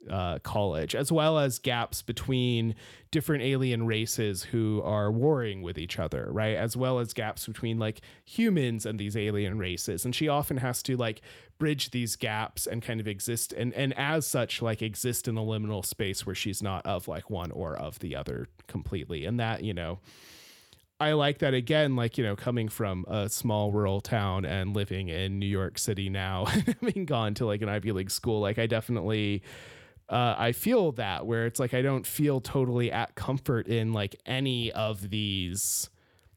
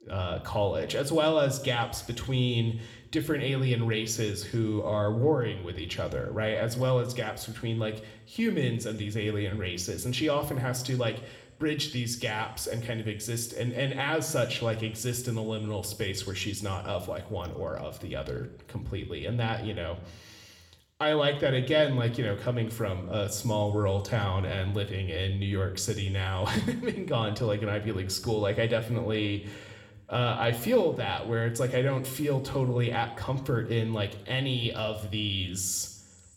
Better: first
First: none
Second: room echo; very slight; dies away in 0.9 s

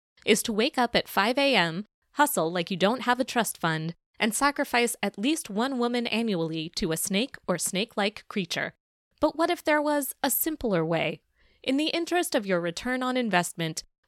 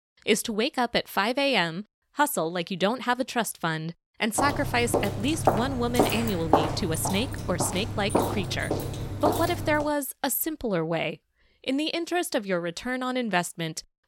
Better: first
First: none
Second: footsteps; loud; from 4.5 to 10 s; peak 3 dB above the speech

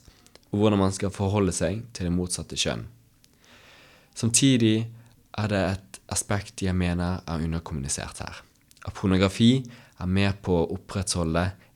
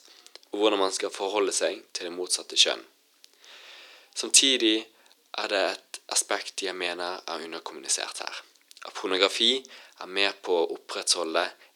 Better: first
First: none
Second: thin; very; fading below 350 Hz

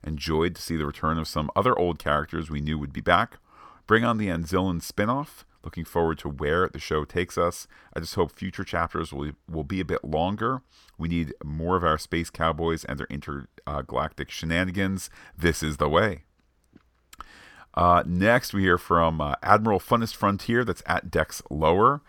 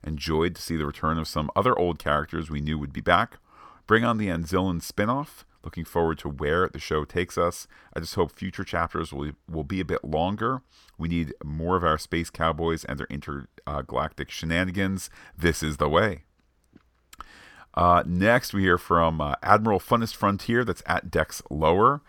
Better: neither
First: none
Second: none

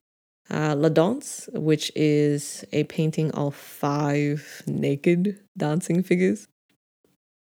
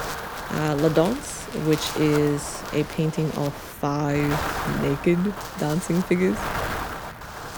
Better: first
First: none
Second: wind noise on the microphone; heavy; 4 dB below the speech

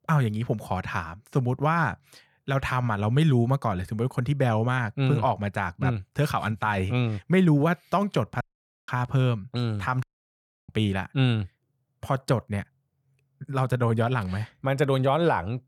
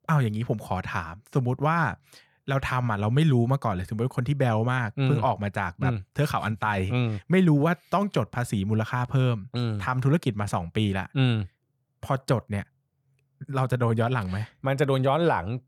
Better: second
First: audio cutting out; at 8.5 s and at 10 s for 0.5 s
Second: none

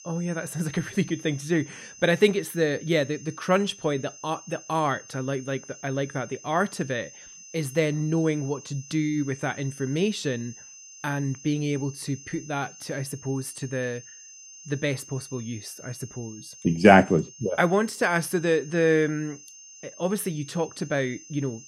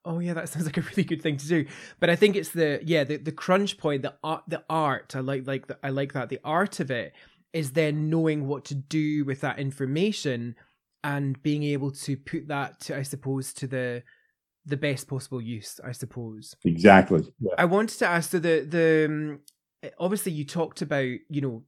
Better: second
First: high-pitched whine; noticeable; throughout; 6.5 kHz, 15 dB below the speech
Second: none

